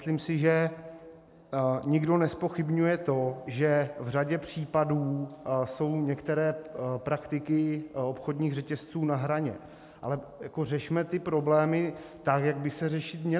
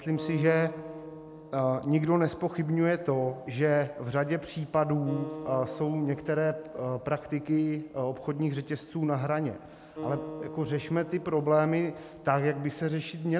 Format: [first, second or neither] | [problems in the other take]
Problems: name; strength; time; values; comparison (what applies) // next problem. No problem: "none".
first | background sound (Acoustic guitar); 16 dB below the speech